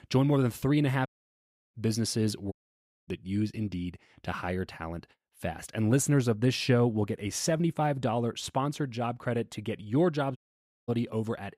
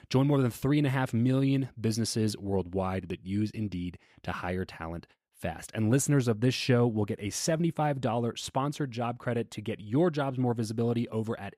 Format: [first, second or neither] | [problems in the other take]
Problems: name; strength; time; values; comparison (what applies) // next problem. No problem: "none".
second | audio cutting out; at 1 s for 0.5 s, at 2.5 s for 0.5 s and at 10 s for 0.5 s